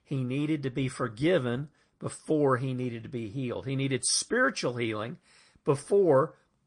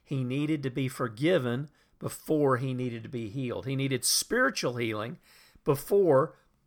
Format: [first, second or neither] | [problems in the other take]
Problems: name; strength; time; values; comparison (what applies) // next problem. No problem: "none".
second | garbled, watery; slightly; nothing above 9 kHz